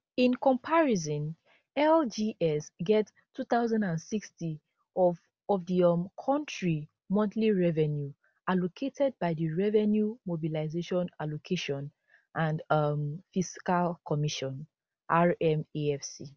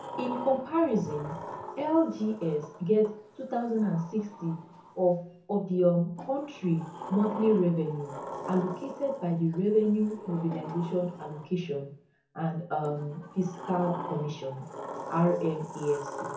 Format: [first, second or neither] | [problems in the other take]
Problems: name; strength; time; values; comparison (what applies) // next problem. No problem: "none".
first | background sound (Sliding door); 12 dB below the speech // room echo; dies away in 0.5 s